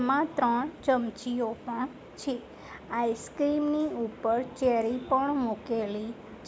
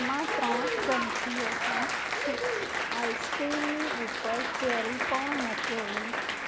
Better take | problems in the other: first | background sound (Applause); 3 dB above the speech

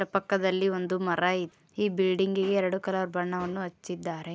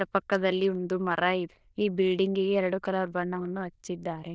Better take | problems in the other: first | noise reduction (neural diffusion model UNIVERSE++)

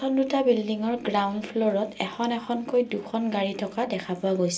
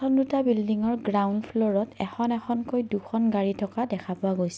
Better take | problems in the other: second | room echo; dies away in 0.2 s

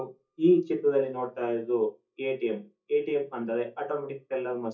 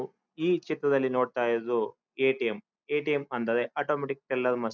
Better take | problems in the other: second | noise reduction (neural mask model DeepFilterNet 3)

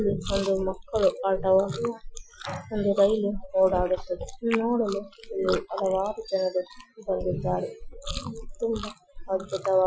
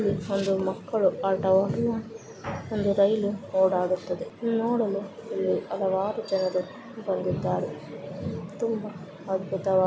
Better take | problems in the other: second | noise reduction (classical method Wiener filter)

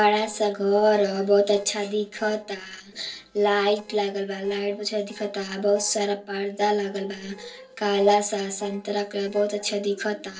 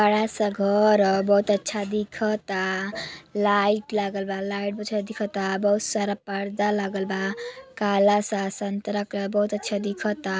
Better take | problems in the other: second | noise reduction (neural separator model SepFormer DNS4)

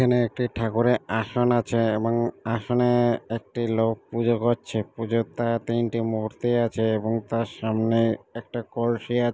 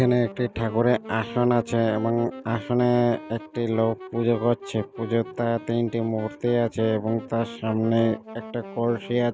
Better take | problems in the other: first | background sound (Wind instrument, woodwind instrument); 16 dB below the speech

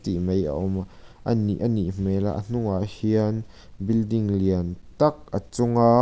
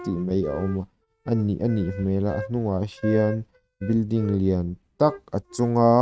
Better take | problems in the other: first | noise reduction (neural mask model RNNoise)

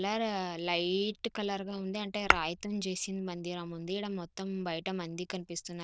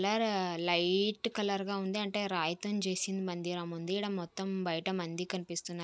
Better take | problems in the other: second | noise reduction (neural diffusion model UNIVERSE++)

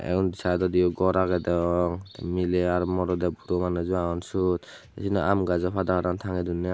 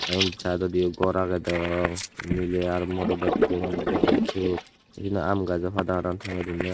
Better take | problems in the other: first | noise reduction (neural mask model RNNoise)

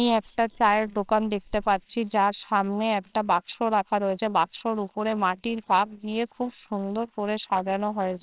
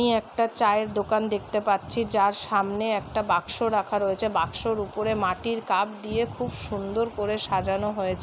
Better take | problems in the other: second | noise reduction (neural separator model SepFormer WHAMR!)

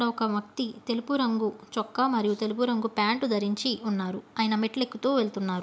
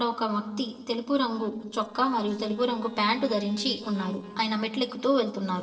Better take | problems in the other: first | noise reduction (neural separator model SepFormer DNS4)

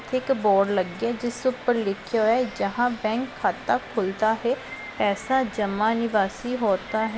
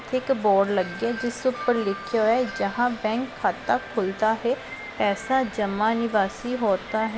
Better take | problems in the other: first | background sound (Wind chime); 17 dB below the speech

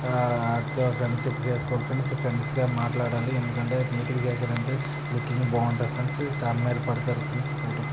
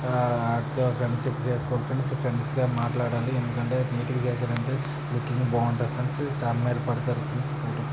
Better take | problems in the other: second | background sound (Alarm); 16 dB below the speech

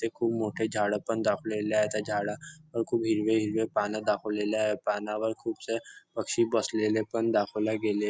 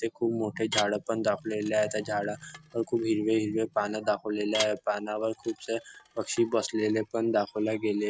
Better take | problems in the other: first | background sound (Dishes, pots, and pans / Glass); 14 dB below the speech

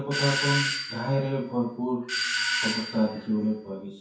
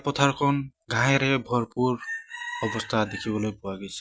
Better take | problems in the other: second | background sound (Doorbell); 3 dB below the speech // room echo; dies away in 0.6 s

